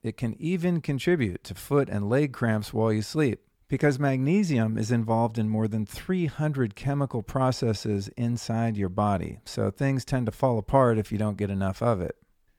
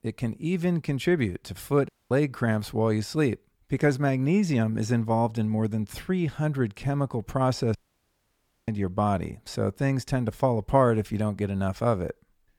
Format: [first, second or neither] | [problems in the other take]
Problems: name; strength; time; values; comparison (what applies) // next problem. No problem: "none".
first | audio cutting out; at 2 s and at 8 s for 1 s